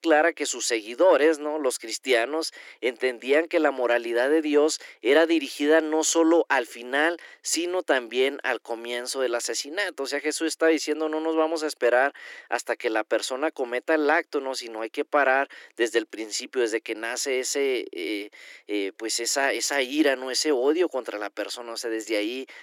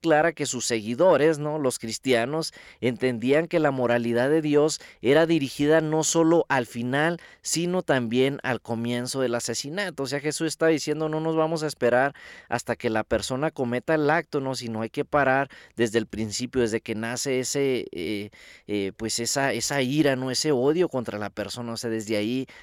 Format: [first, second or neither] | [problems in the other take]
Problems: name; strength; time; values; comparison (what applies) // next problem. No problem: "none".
second | thin; somewhat; fading below 300 Hz